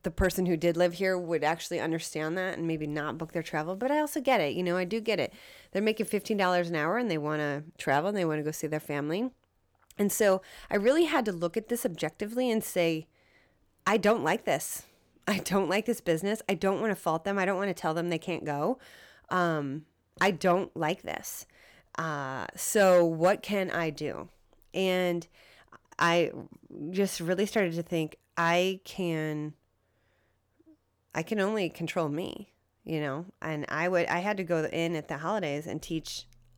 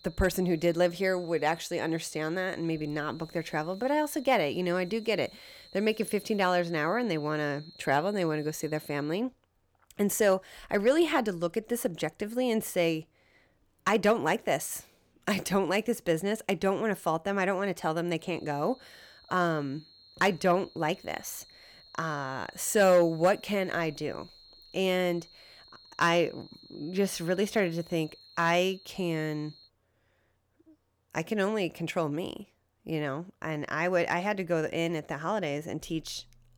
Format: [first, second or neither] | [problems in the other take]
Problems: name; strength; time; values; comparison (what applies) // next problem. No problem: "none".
first | high-pitched whine; faint; until 9 s and from 18 to 30 s; 4 kHz, 25 dB below the speech